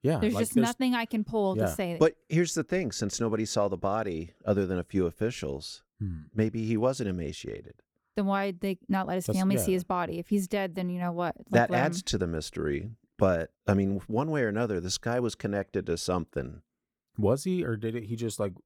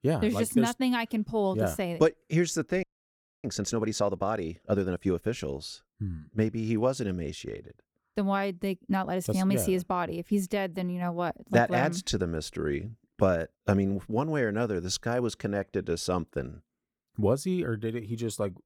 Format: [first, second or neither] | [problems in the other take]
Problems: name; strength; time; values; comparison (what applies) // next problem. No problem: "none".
first | audio freezing; at 3 s for 0.5 s